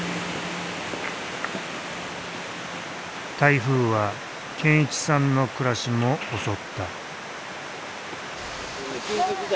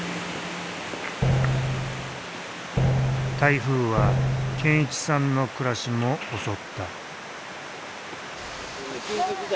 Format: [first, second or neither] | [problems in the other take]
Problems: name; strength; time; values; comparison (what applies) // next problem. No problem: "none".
first | background sound (Drum); 3 dB above the speech